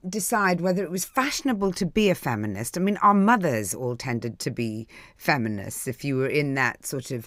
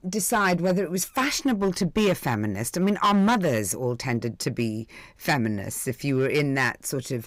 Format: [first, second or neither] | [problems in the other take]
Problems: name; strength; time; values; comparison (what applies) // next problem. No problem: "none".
first | distortion; slight; 5% of the sound clipped